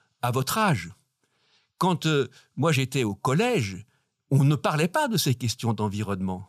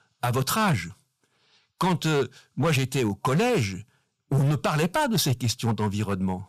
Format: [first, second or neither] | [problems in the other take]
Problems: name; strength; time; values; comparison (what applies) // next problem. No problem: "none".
first | distortion; slight; 10% of the sound clipped